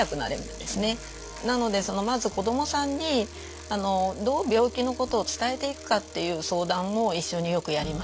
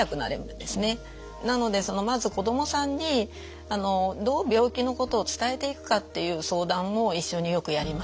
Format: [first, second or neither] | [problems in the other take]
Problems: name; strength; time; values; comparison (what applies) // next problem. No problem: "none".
second | background sound (Bicycle); 19 dB below the speech